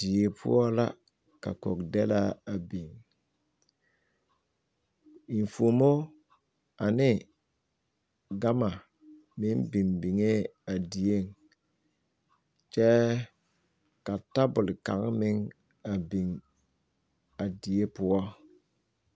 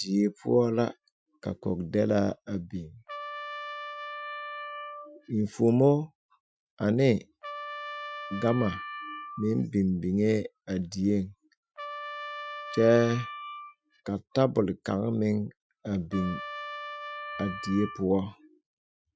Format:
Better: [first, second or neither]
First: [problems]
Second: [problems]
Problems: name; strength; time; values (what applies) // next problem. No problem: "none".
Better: first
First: none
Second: noise reduction (classical method Wiener filter)